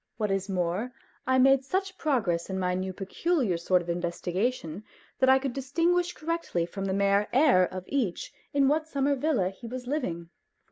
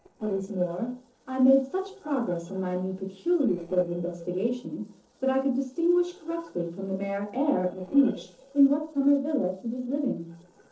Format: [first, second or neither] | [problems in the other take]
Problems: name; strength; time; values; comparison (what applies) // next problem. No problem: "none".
first | noise reduction (neural separator model SepFormer DNS4)